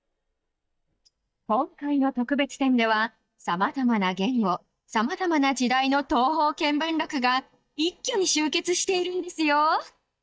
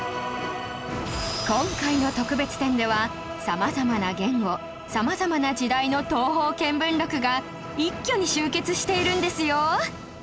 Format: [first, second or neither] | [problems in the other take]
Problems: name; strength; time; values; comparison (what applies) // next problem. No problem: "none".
second | noise reduction (neural mask model DeepFilterNet 3)